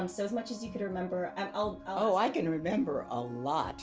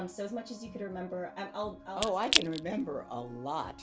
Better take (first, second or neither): first